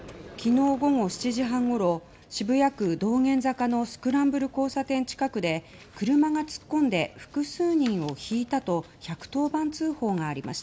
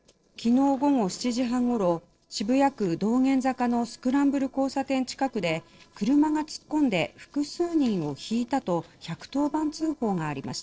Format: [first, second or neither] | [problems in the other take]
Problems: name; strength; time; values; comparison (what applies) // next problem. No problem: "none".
first | noise reduction (neural separator model SepFormer DNS4)